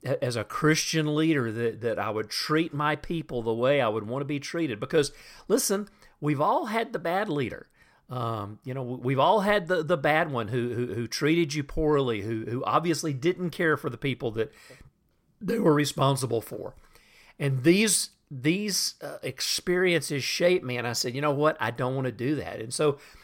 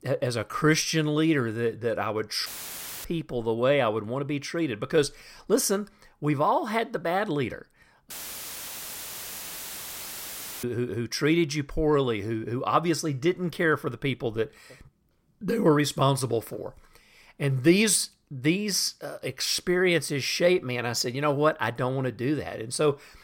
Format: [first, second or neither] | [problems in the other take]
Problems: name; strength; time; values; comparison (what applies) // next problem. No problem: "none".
first | audio cutting out; filled with static; at 2.5 s for 0.5 s and at 8 s for 2.5 s